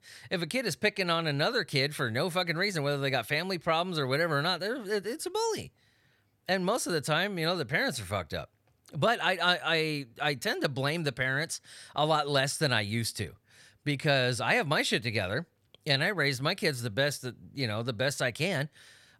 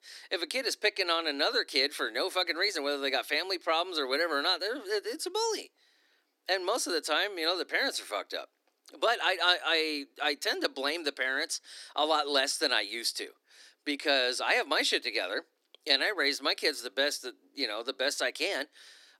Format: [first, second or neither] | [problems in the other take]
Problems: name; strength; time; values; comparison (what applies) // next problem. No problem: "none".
first | thin; somewhat; fading below 300 Hz